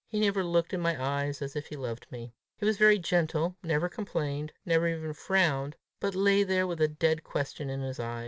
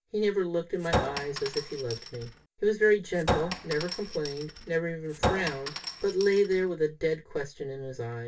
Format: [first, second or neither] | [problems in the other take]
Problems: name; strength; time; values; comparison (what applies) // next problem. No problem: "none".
first | background sound (Chink, clink); 5 dB below the speech // room echo; dies away in 0.2 s